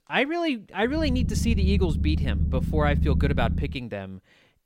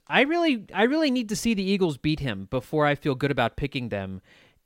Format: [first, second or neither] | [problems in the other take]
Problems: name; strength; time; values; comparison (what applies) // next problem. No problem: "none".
second | low rumble; loud; from 1 to 3.5 s; 10 dB below the speech